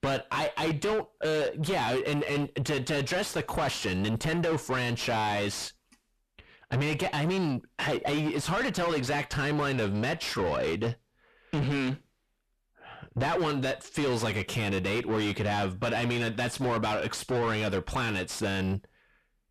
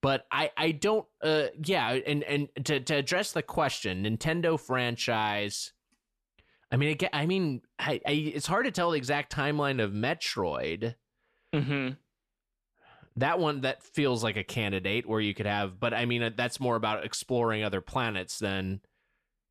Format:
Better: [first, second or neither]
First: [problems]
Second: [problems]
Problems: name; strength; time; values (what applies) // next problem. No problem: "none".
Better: second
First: distortion; heavy; 6 dB below the speech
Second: none